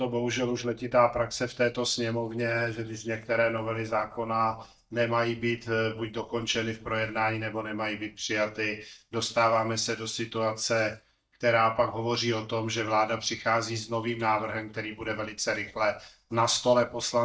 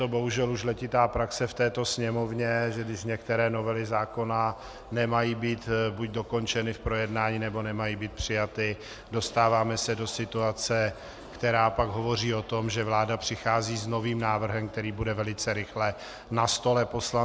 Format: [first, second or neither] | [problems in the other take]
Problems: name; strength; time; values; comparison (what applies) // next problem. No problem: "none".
second | noise reduction (neural mask model DeepFilterNet 3)